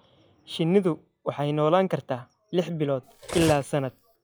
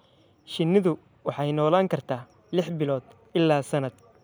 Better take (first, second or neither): second